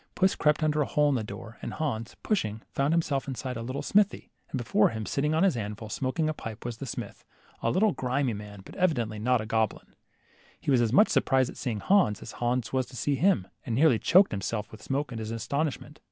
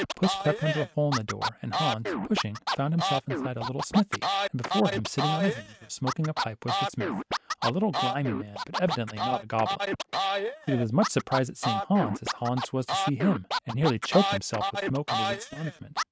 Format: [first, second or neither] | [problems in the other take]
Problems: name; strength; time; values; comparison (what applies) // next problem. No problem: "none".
first | noise reduction (neural mask model RNNoise)